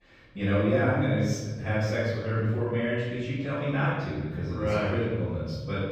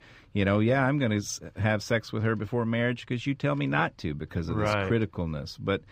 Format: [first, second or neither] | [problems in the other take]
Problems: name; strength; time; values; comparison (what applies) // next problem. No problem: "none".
second | off-mic speech; far // room echo; strong; dies away in 1.3 s